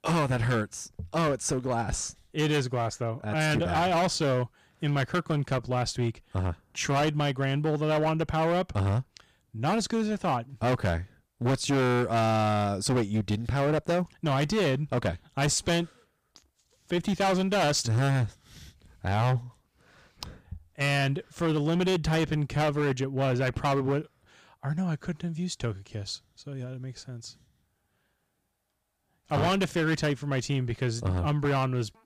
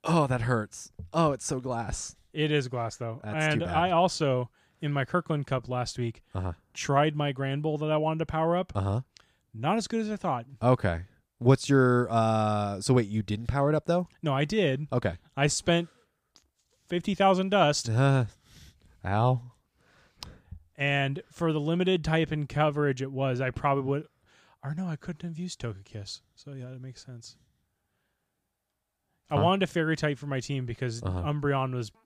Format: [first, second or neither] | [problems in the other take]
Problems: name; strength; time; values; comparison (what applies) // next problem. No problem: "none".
second | distortion; heavy; 13% of the sound clipped